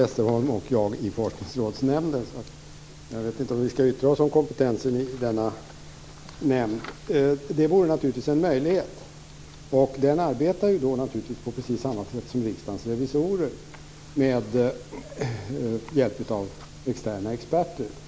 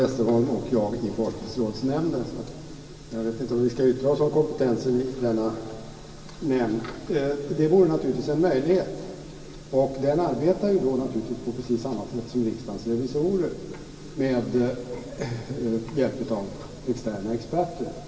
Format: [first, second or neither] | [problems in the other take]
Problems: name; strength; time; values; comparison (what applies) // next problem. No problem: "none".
first | room echo; dies away in 2.6 s